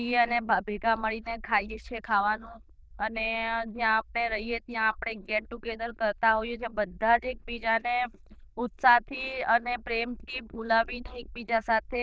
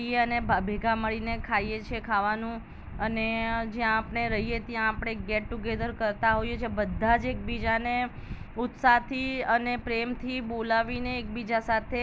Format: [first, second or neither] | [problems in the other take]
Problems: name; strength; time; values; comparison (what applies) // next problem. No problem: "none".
second | noise reduction (neural diffusion model UNIVERSE++)